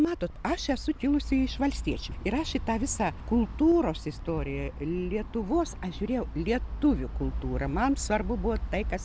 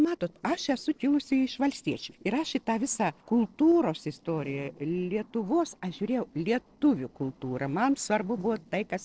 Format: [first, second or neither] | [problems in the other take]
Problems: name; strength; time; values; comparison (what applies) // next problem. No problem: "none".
first | noise reduction (neural separator model SepFormer DNS4)